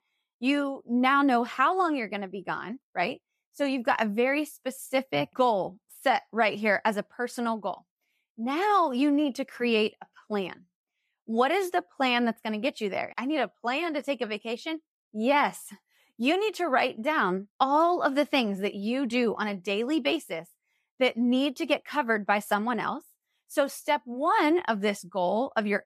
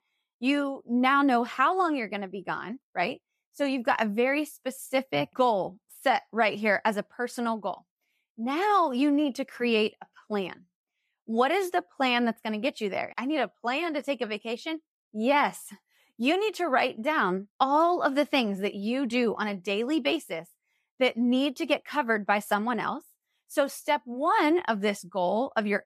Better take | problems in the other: neither | none

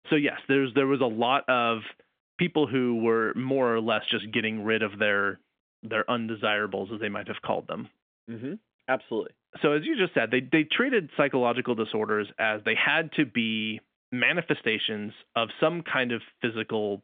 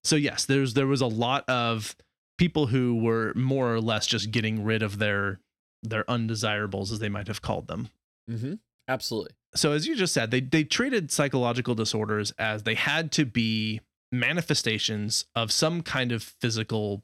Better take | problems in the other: second | phone-call audio; nothing above 3.5 kHz

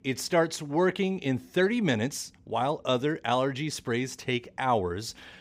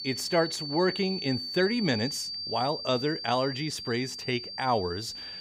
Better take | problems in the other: first | high-pitched whine; loud; throughout; 4.5 kHz, 5 dB below the speech

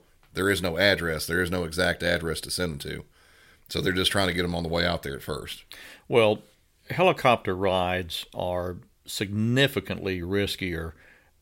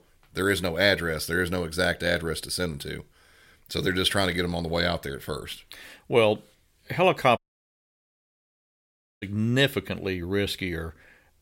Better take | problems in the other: first | audio cutting out; at 7.5 s for 2 s

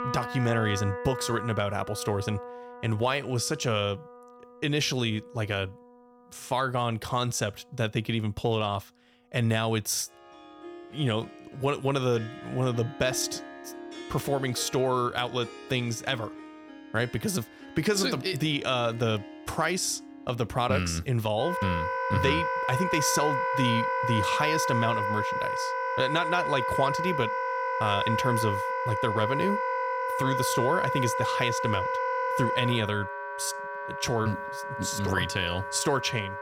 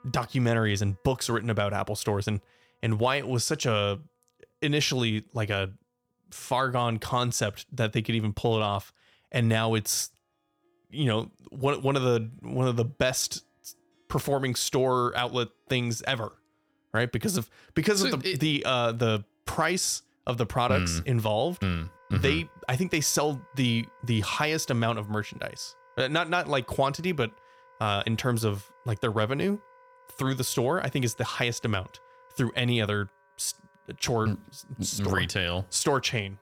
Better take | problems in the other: second | background music; loud; throughout; 2 dB below the speech; faint in the second

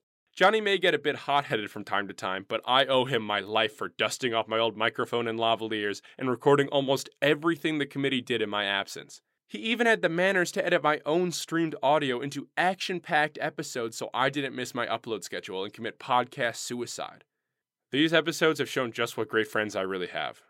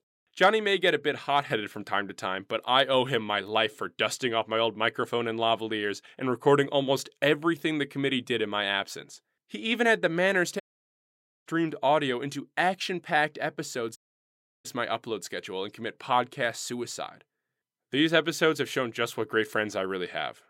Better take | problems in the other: first | audio cutting out; at 11 s for 1 s and at 14 s for 0.5 s

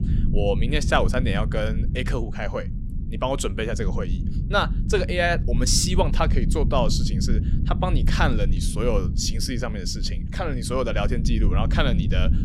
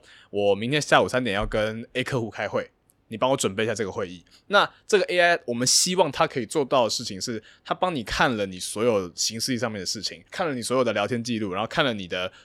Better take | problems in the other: second | low rumble; noticeable; throughout; 10 dB below the speech

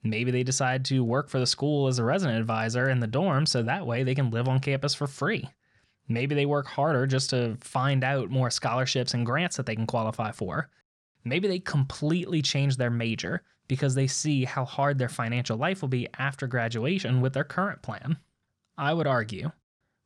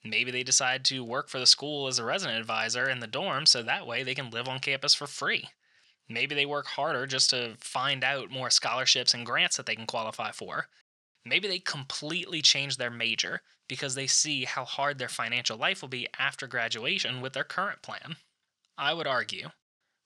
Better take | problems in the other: first | thin; somewhat; fading below 950 Hz

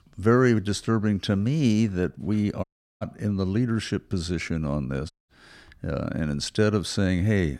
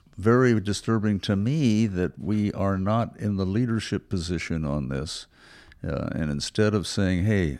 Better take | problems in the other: second | audio cutting out; at 2.5 s and at 5 s

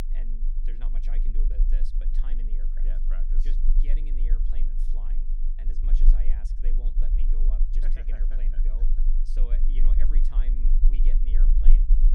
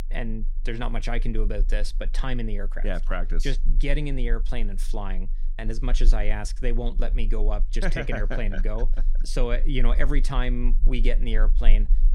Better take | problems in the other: second | low rumble; loud; throughout; 2 dB below the speech; faint in the second

